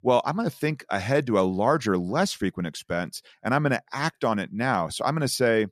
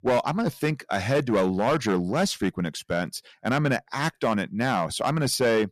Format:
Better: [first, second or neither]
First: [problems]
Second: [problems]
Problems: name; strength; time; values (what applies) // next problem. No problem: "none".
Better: first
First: none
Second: distortion; slight; 7% of the sound clipped